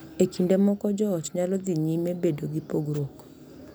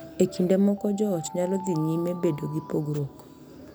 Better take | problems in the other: first | background sound (Alarm); 17 dB below the speech

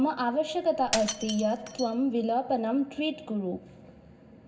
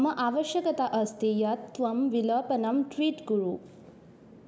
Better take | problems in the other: second | background sound (Shatter); 11 dB below the speech // room echo; dies away in 0.4 s

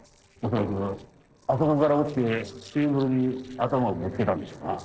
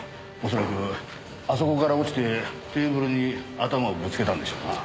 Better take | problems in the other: second | noise reduction (neural separator model SepFormer DNS4)

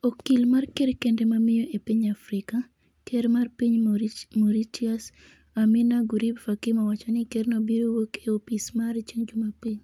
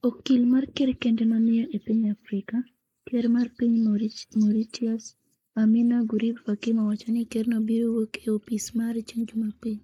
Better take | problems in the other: first | noise reduction (neural mask model Resemble Enhance denoiser)

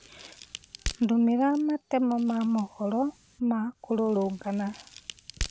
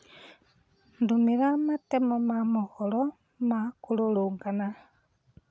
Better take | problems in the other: second | background sound (Crack); 14 dB below the speech

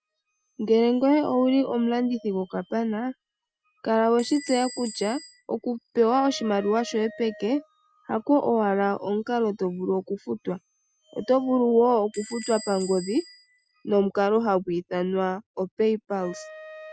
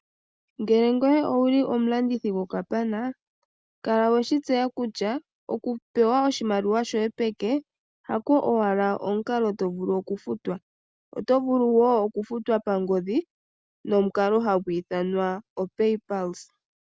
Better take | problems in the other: second | noise reduction (classical method Wiener filter)

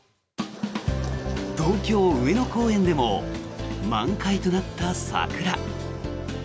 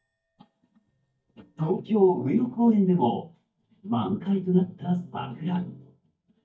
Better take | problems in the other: first | noise reduction (neural mask model DeepFilterNet 3)

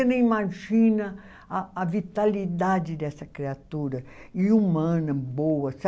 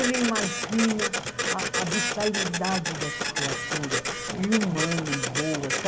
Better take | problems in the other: first | background sound (Printer); as loud as the speech

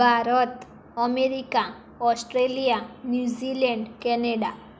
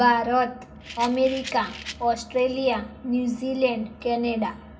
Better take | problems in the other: first | background sound (Rattle); 15 dB below the speech // room echo; dies away in 0.4 s

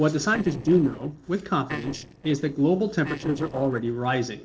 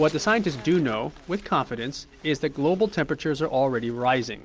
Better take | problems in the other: second | noise reduction (neural separator model SepFormer DNS4)

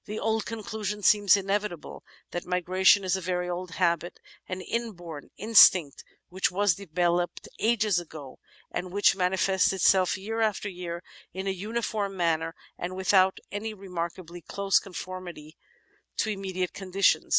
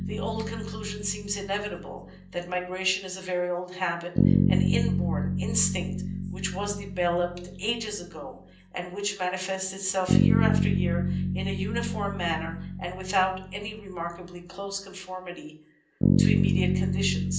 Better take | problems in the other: first | background sound (Bass guitar); 4 dB above the speech // room echo; dies away in 0.6 s

